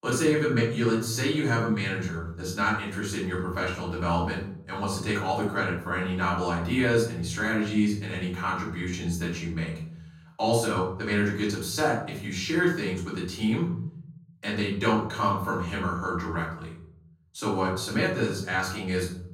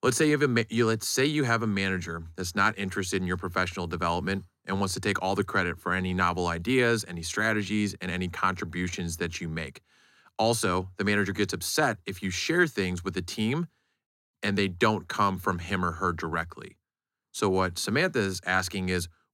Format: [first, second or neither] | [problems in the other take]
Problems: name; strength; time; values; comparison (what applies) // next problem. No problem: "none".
second | off-mic speech; far // room echo; noticeable; dies away in 0.9 s